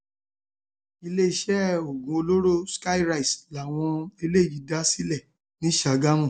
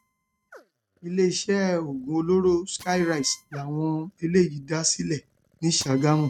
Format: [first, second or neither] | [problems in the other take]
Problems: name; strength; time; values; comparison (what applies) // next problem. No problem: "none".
first | noise reduction (neural mask model RNNoise)